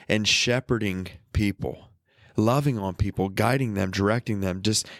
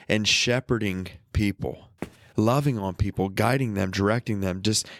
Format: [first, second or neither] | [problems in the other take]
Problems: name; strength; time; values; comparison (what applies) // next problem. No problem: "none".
first | footsteps; faint; at 2 s; peak 15 dB below the speech